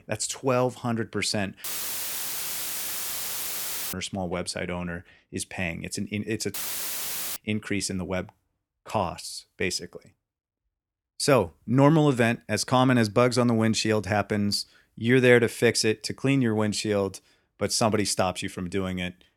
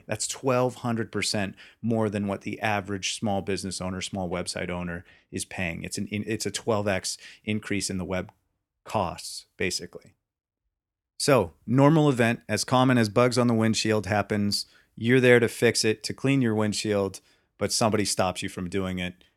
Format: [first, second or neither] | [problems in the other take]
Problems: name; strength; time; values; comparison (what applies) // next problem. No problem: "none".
second | audio cutting out; filled with static; at 1.5 s for 2.5 s and at 6.5 s for 1 s